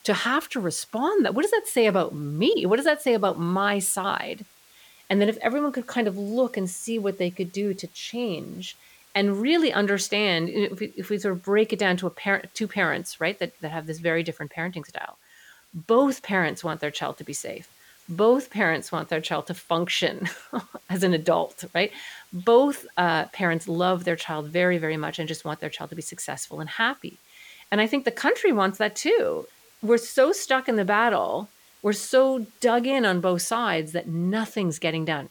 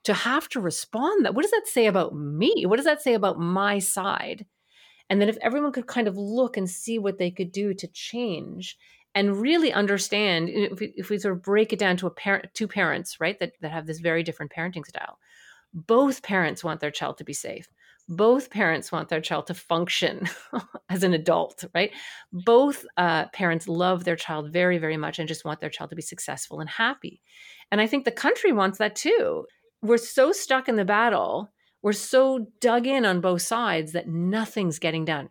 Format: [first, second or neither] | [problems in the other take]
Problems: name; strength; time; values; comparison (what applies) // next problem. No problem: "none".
second | hiss; faint; throughout; 30 dB below the speech